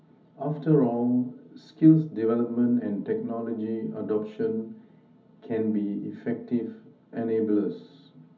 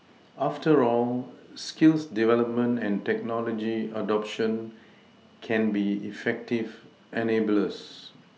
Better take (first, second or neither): second